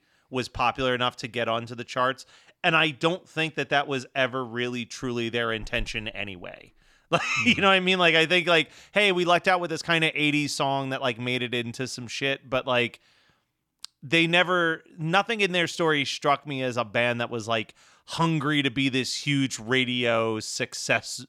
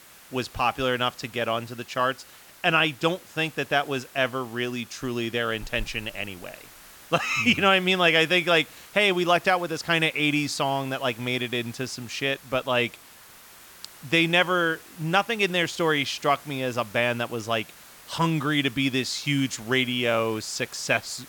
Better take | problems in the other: first | hiss; faint; throughout; 20 dB below the speech

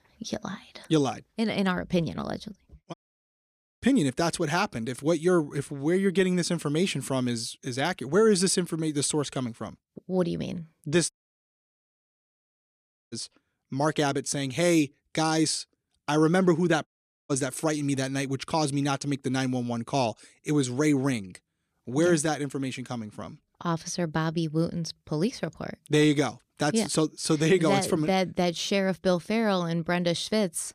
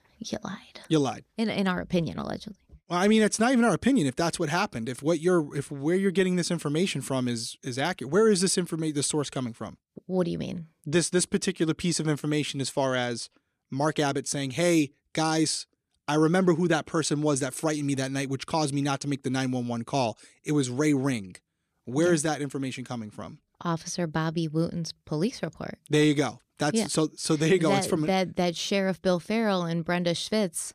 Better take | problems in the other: second | audio cutting out; at 3 s for 1 s, at 11 s for 2 s and at 17 s

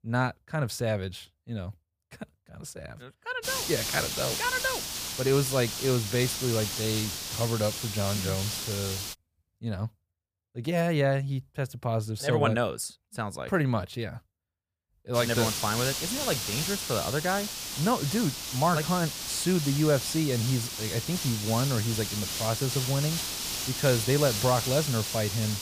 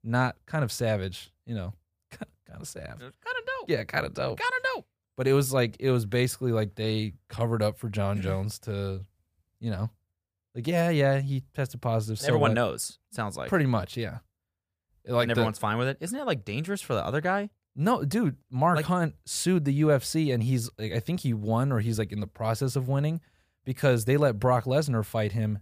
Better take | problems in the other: second | hiss; loud; from 3.5 to 9 s and from 15 s on; 2 dB below the speech

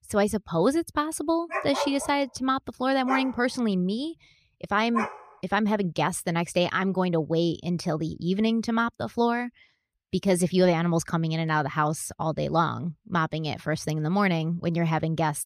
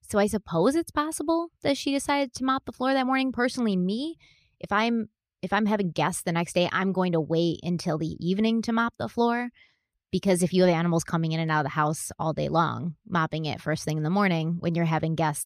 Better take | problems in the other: second | dog barking; noticeable; from 1.5 to 5 s; peak 4 dB below the speech

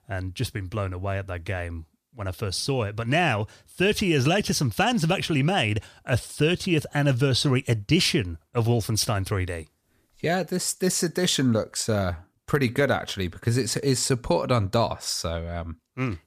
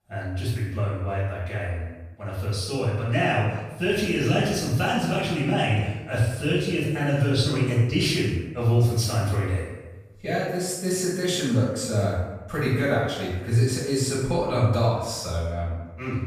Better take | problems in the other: first | off-mic speech; far // room echo; strong; dies away in 0.9 s

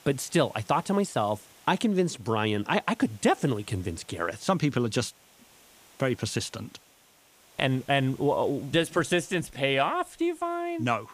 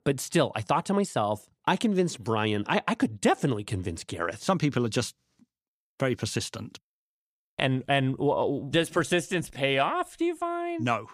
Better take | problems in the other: second | hiss; faint; throughout; 25 dB below the speech

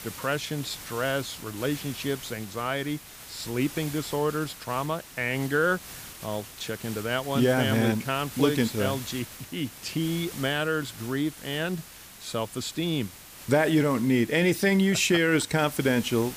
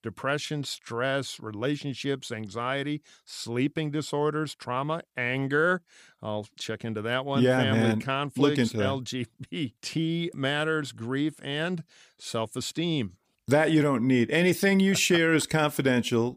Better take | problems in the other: second | hiss; noticeable; throughout; 15 dB below the speech

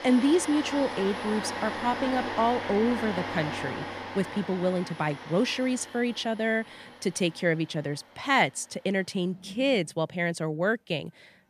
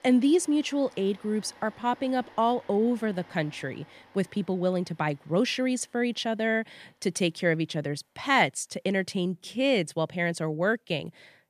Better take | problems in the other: second | household noises; loud; throughout; 7 dB below the speech; faint in the second

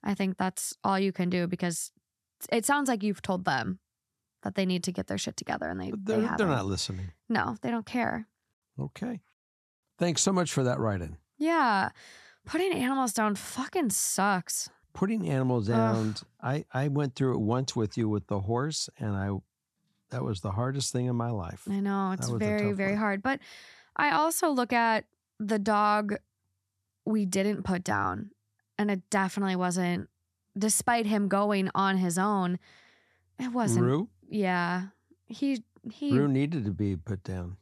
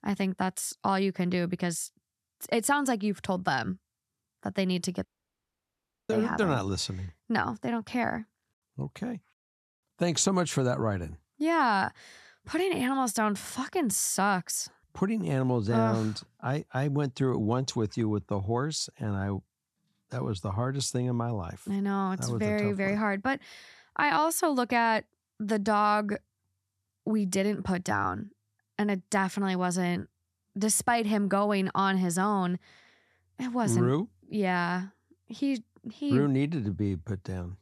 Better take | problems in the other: first | audio cutting out; at 5 s for 1 s

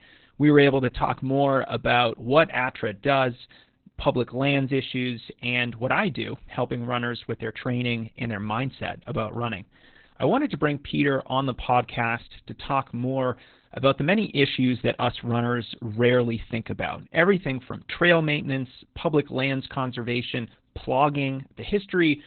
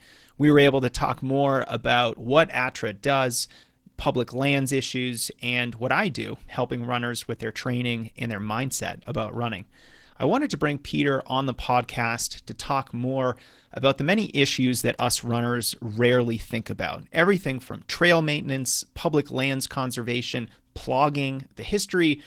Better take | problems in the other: second | garbled, watery; badly; nothing above 4 kHz; slightly in the second

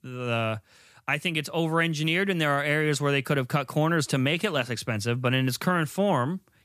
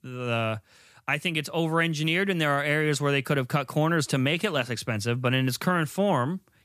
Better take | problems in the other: neither | none

